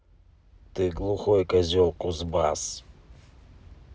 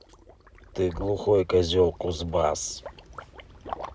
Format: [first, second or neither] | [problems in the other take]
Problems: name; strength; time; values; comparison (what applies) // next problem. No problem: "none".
first | background sound (Liquid); 18 dB below the speech